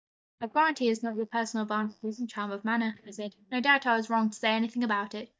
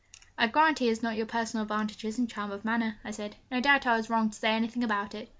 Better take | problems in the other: second | noise reduction (neural mask model DeepFilterNet 3)

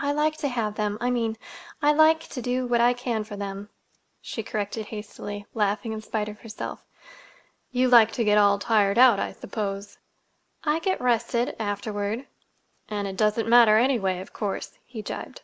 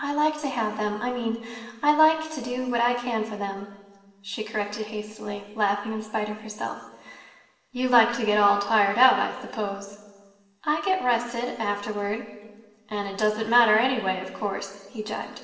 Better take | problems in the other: first | room echo; dies away in 1.4 s

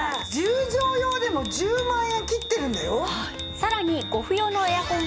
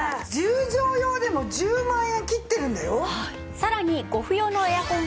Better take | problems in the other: second | background sound (Bicycle bell); 12 dB below the speech

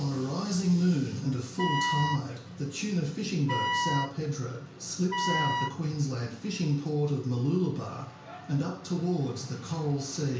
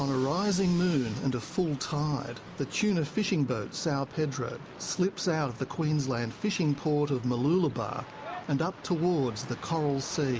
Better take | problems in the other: second | background sound (Wind instrument, woodwind instrument); 2 dB below the speech // room echo; dies away in 0.5 s

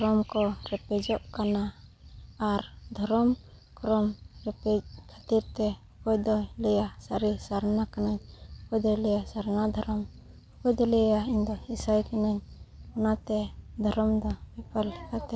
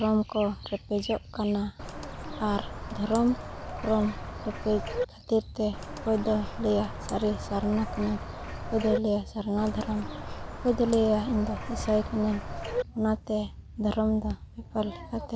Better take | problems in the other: first | background sound (Bird); 7 dB below the speech

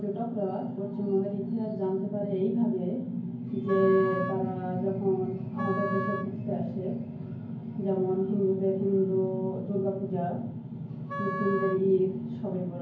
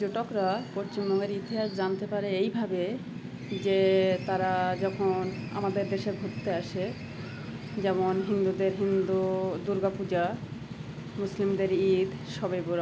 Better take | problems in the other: second | background sound (Wind instrument, woodwind instrument); 9 dB below the speech // room echo; dies away in 0.9 s

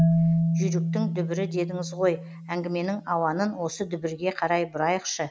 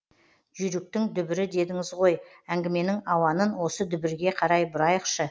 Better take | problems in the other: second | background sound (Marimba, xylophone); as loud as the speech

